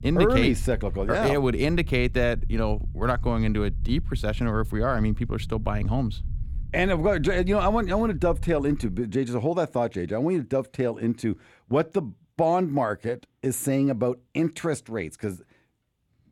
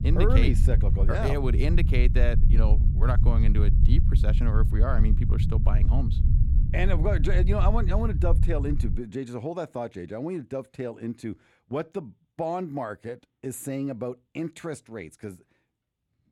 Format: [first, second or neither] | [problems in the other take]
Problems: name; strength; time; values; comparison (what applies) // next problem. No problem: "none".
first | low rumble; loud; until 9 s; 8 dB below the speech; faint in the first